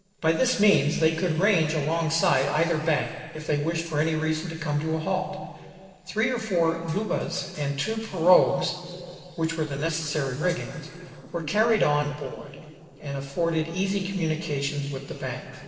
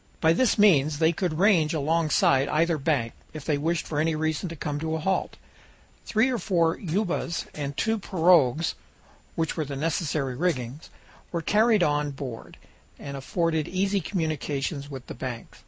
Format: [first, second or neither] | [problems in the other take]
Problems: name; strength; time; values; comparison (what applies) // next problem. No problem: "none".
second | noise reduction (neural separator model SepFormer DNS4)